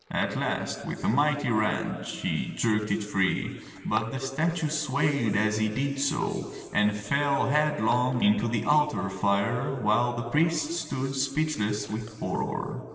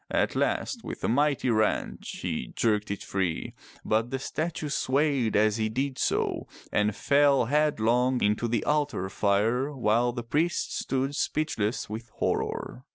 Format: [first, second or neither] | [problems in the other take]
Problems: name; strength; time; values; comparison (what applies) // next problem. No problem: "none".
second | noise reduction (neural separator model SepFormer DNS4)